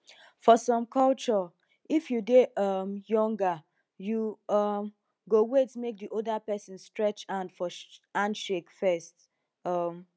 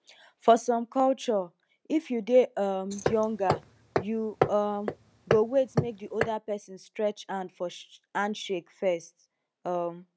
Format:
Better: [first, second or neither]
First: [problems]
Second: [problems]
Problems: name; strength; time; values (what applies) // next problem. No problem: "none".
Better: first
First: none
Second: background sound (Hammer); 3 dB below the speech